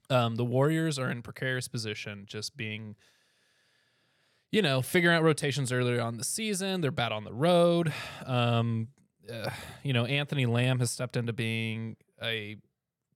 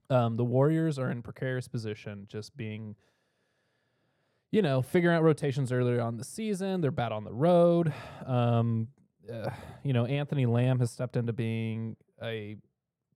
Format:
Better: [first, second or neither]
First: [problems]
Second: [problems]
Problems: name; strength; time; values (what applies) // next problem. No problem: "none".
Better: first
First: none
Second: muffled; slightly; fading above 1.5 kHz